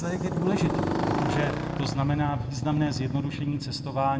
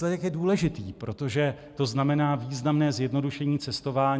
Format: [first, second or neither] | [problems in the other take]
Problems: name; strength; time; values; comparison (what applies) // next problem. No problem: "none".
second | background sound (Motorcycle); 2 dB below the speech // room echo; dies away in 1 s